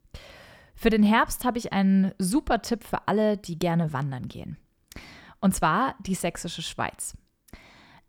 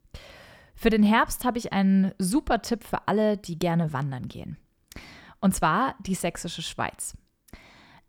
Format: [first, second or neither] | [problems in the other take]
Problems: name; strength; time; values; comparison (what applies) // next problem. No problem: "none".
neither | none